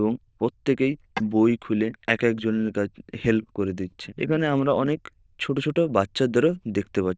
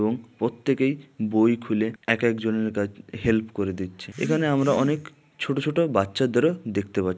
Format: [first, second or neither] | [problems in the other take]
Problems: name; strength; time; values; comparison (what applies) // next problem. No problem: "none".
second | noise reduction (neural diffusion model UNIVERSE++)